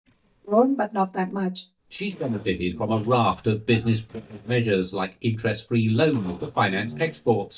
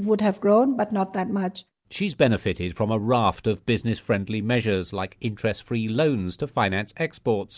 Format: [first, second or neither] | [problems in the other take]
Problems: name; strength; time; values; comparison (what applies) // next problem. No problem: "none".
second | noise reduction (neural mask model DeepFilterNet 3)